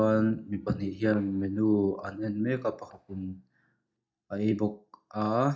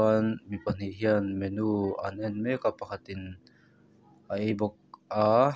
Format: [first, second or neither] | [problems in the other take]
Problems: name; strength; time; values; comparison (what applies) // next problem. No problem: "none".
second | noise reduction (neural mask model DeepFilterNet 3)